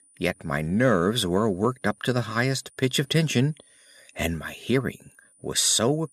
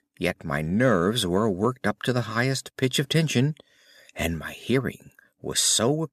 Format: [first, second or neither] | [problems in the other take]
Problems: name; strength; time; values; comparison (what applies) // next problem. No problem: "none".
second | high-pitched whine; faint; throughout; 9.5 kHz, 30 dB below the speech